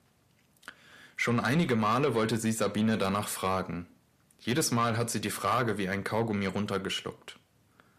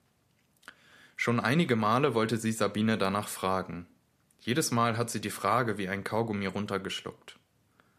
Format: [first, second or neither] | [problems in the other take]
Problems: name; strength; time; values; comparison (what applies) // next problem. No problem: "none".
second | distortion; slight; 10 dB below the speech